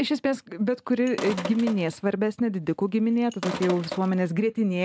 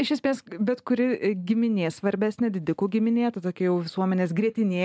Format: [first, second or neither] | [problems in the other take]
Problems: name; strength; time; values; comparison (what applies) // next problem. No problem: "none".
second | background sound (Sink (filling or washing)); 12 dB below the speech